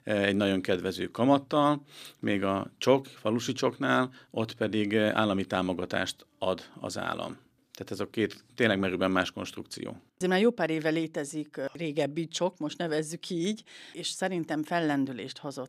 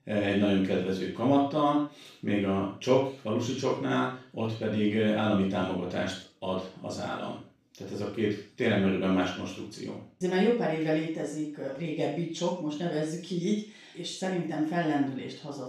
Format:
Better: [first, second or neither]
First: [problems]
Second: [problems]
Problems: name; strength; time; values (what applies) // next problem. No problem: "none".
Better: first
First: none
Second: room echo; noticeable; dies away in 0.4 s // off-mic speech; far